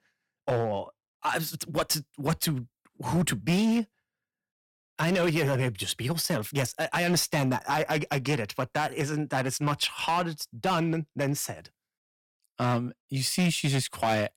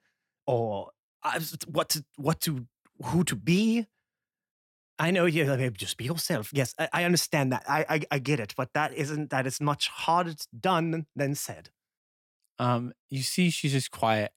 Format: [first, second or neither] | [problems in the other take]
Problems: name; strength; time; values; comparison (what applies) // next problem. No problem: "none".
second | distortion; slight; 7% of the sound clipped